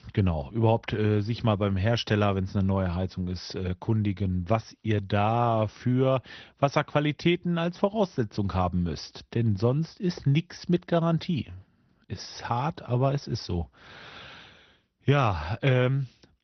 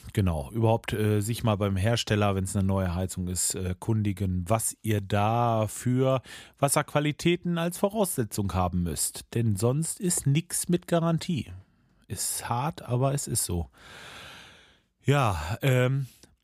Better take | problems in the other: second | garbled, watery; slightly; nothing above 6 kHz

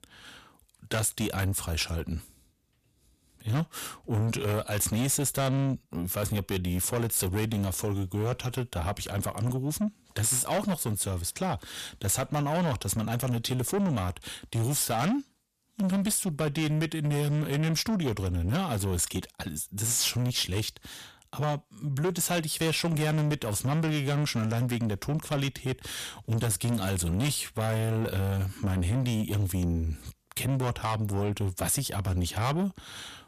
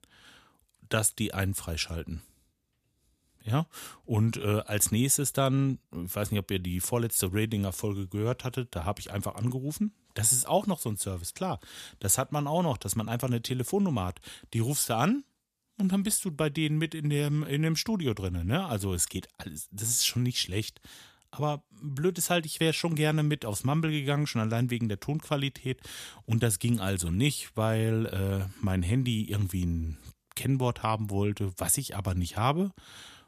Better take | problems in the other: second | distortion; heavy; 7 dB below the speech

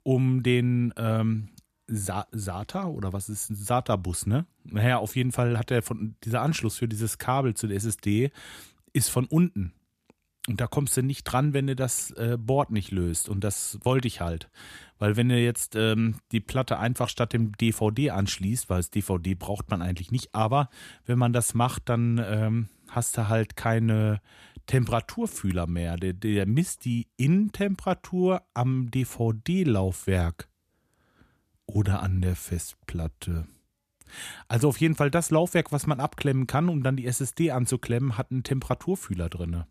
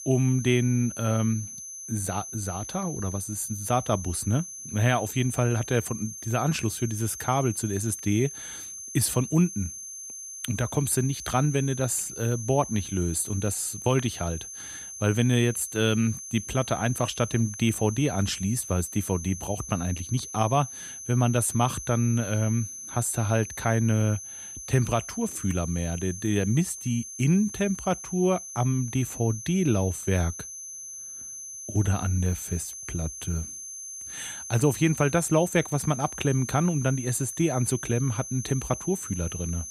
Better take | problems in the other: first | high-pitched whine; loud; throughout; 6 kHz, 10 dB below the speech

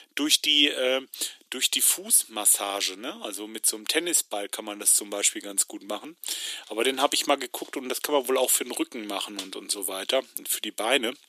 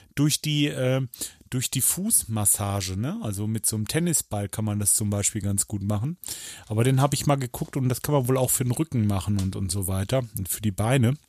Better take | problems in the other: second | thin; very; fading below 300 Hz

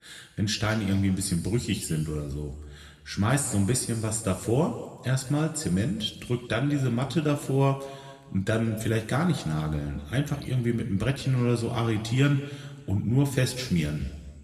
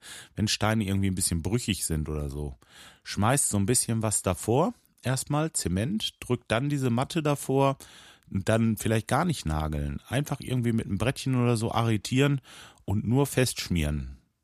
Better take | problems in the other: second | room echo; slight; dies away in 1.5 s

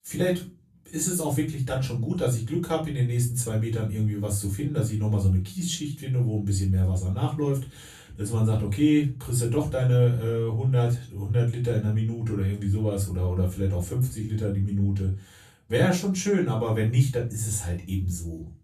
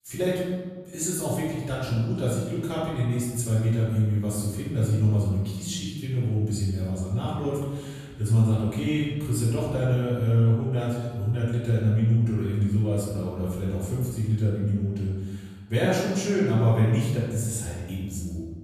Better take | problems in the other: first | room echo; strong; dies away in 1.2 s; slight in the first // off-mic speech; far; far in the first

